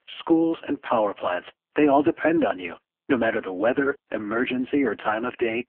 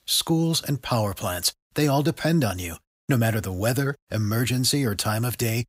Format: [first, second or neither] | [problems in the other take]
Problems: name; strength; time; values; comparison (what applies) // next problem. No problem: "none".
second | phone-call audio; poor line